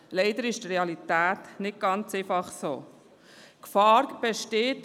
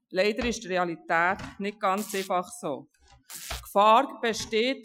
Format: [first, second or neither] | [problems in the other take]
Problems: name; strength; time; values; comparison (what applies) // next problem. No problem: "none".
first | noise reduction (classical method Wiener filter)